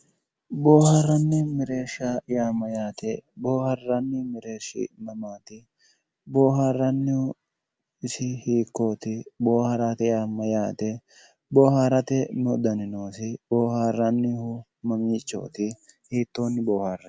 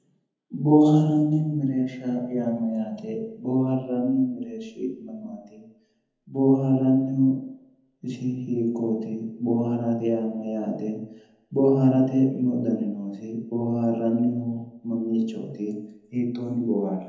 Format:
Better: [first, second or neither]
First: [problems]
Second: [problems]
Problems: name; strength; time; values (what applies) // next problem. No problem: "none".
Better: first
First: none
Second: room echo; dies away in 0.8 s